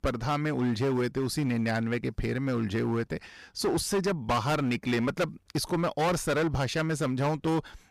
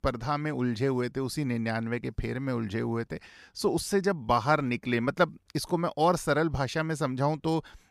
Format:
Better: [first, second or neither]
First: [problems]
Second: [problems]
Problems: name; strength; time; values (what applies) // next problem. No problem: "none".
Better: second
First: distortion; heavy; 13% of the sound clipped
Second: none